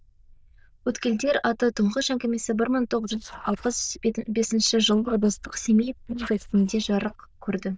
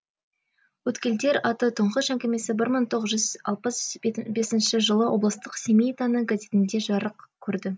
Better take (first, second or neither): second